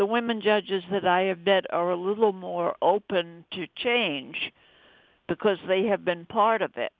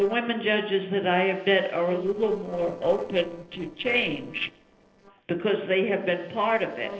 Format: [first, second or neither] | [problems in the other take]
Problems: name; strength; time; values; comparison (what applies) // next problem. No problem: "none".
first | noise reduction (neural separator model SepFormer DNS4)